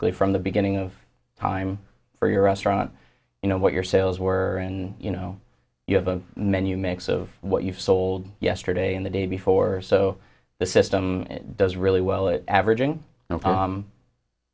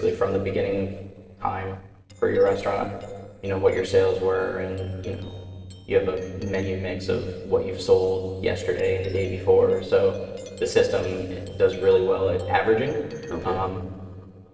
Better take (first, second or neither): first